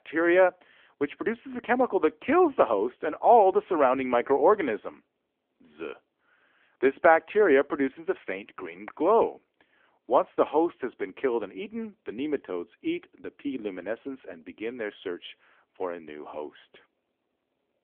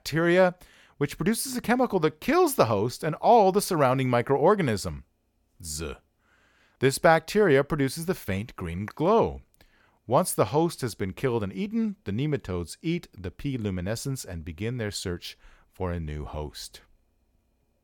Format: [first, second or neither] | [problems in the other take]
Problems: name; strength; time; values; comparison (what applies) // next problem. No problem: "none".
second | phone-call audio; nothing above 3.5 kHz